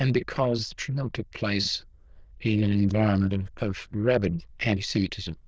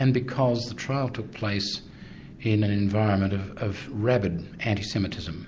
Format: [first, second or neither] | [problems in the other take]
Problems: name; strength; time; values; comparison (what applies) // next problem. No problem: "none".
second | noise reduction (neural diffusion model UNIVERSE++)